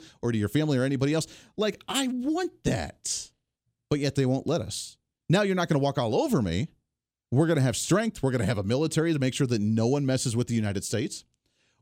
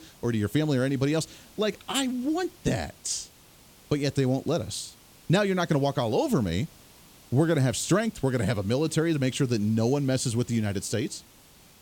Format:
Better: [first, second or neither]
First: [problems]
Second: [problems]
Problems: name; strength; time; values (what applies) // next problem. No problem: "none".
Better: first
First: none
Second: hiss; faint; throughout; 25 dB below the speech